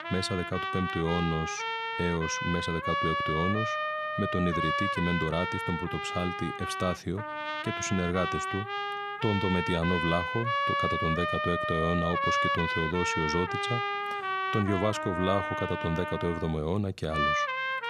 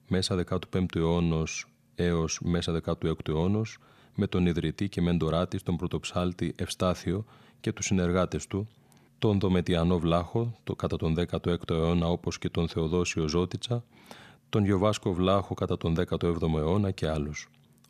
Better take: second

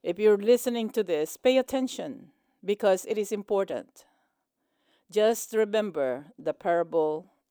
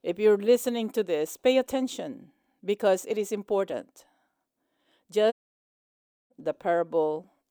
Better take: first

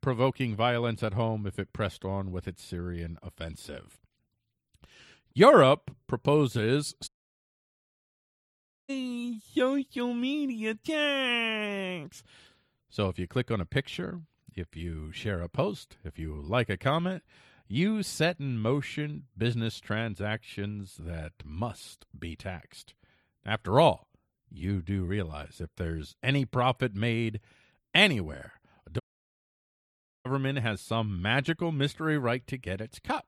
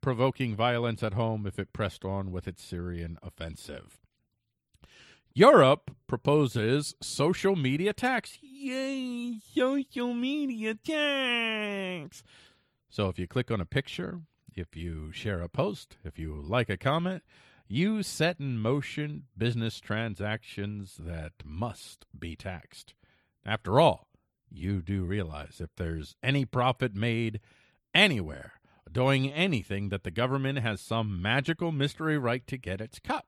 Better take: second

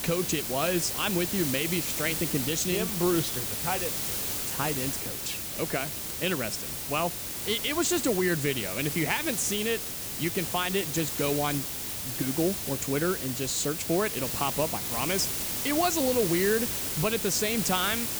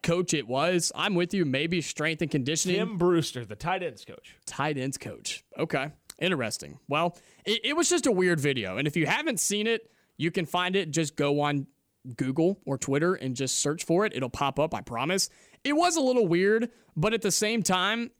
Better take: second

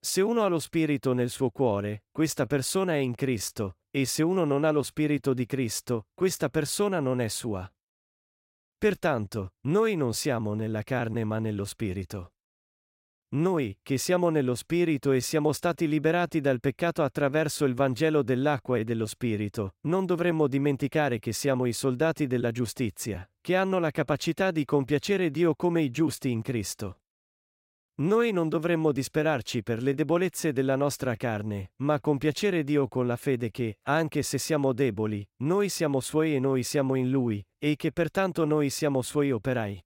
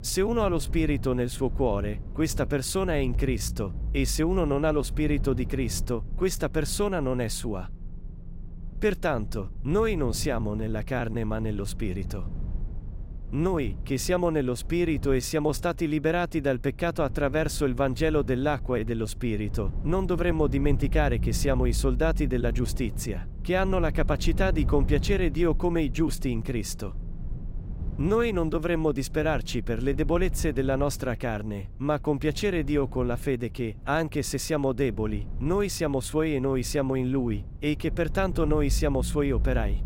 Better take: first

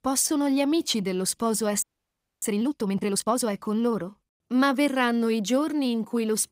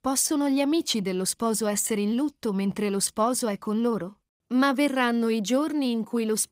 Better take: second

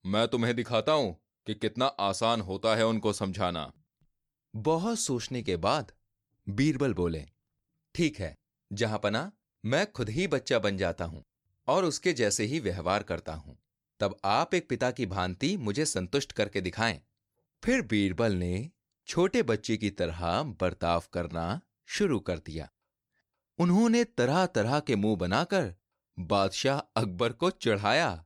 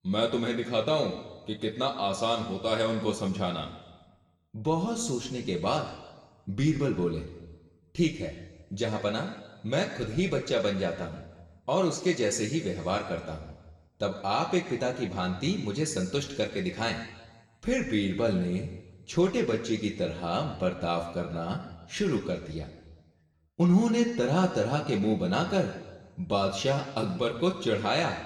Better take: first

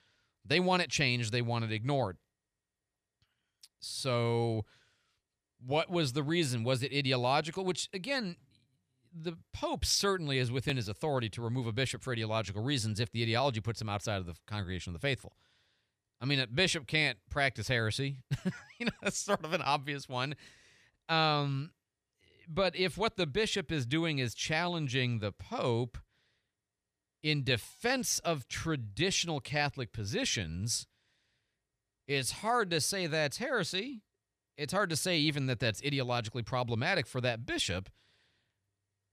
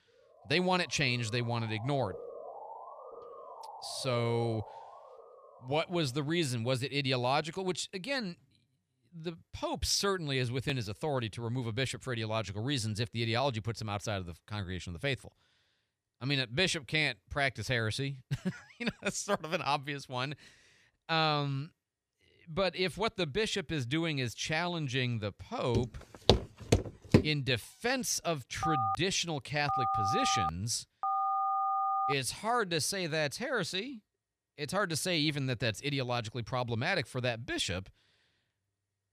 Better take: first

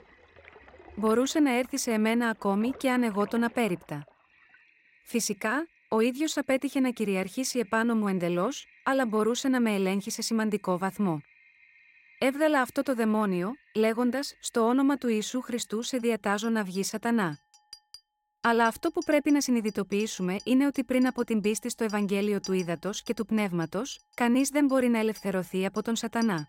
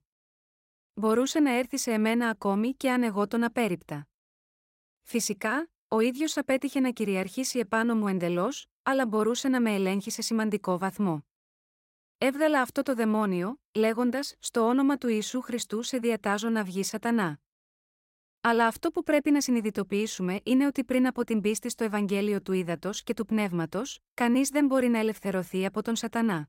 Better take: second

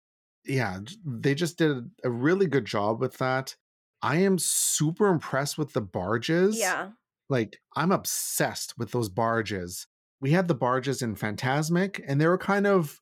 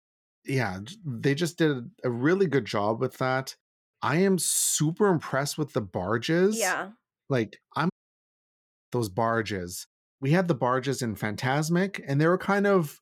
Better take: first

